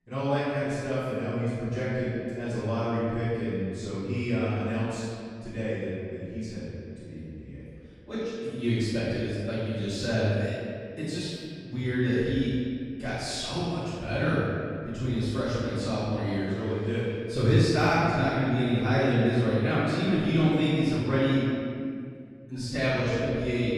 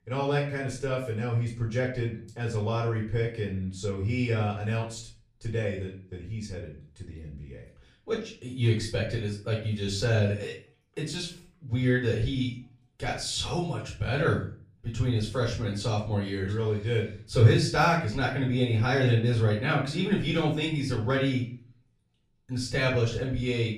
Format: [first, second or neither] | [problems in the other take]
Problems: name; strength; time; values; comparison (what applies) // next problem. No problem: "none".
second | room echo; strong; dies away in 2.2 s; slight in the second // off-mic speech; far; far in the second